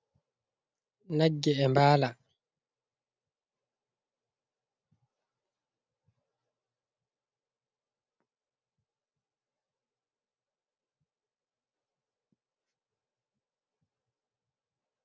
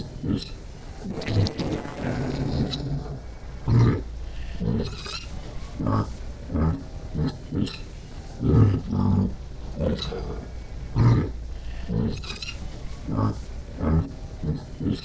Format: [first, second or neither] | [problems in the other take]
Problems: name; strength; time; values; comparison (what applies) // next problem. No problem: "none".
first | noise reduction (neural separator model SepFormer DNS4)